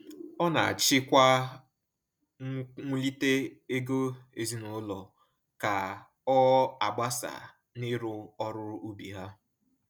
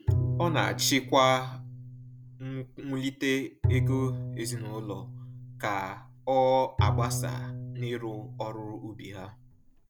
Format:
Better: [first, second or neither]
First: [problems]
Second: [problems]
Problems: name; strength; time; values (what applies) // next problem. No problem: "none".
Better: first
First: none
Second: background sound (Bowed string instrument); 2 dB below the speech